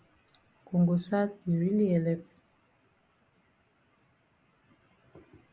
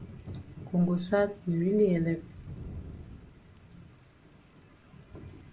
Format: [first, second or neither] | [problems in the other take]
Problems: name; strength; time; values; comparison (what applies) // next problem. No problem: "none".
first | background sound (Thunder / Rain); 15 dB below the speech // room echo; dies away in 0.2 s